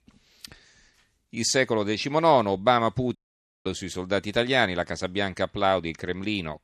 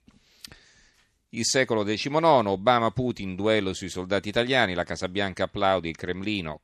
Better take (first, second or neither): second